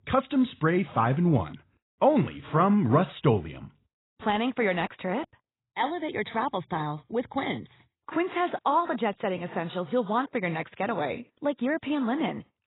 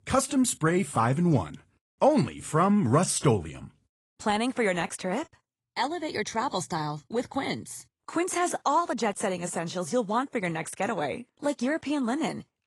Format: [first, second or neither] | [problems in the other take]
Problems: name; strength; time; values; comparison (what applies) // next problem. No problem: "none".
second | garbled, watery; badly; nothing above 4 kHz; slightly in the second